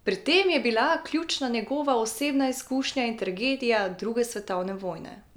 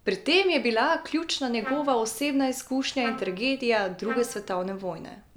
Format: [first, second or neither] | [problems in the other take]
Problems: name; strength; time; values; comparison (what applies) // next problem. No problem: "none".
first | background sound (Trumpet); 13 dB below the speech